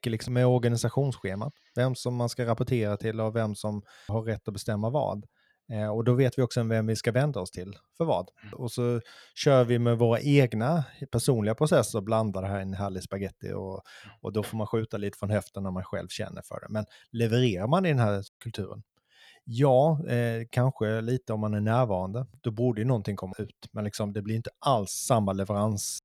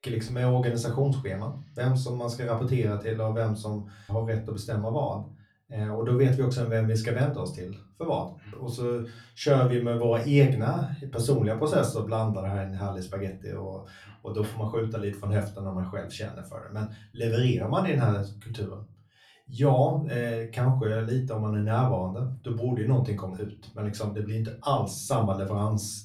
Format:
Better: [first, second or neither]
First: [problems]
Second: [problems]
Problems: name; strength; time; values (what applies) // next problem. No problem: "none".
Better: first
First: none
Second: off-mic speech; far // room echo; very slight; dies away in 0.3 s